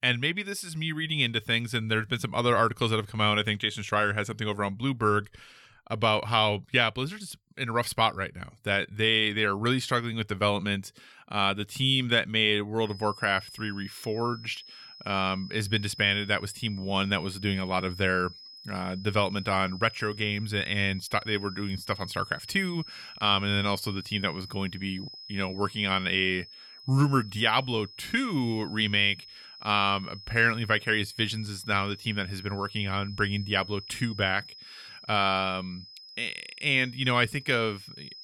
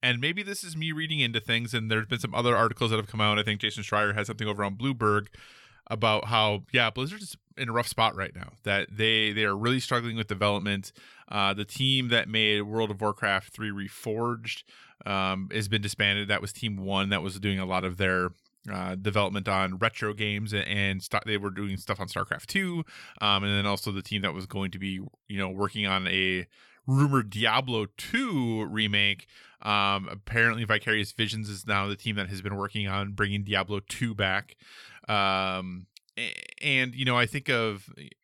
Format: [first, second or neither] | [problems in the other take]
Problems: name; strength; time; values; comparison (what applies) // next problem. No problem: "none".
second | high-pitched whine; noticeable; from 13 s on; 5 kHz, 15 dB below the speech